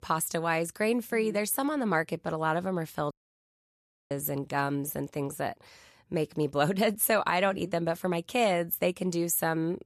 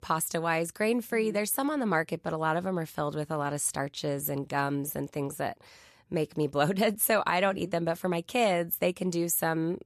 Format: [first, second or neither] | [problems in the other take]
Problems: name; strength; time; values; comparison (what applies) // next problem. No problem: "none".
second | audio cutting out; at 3 s for 1 s